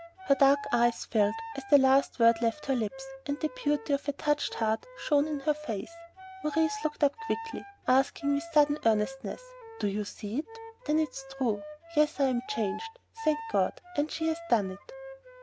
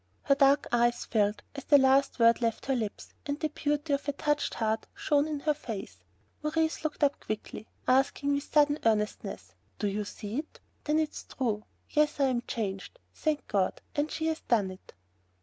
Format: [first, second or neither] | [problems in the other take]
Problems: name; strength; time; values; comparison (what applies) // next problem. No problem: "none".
second | background sound (Wind instrument, woodwind instrument); 14 dB below the speech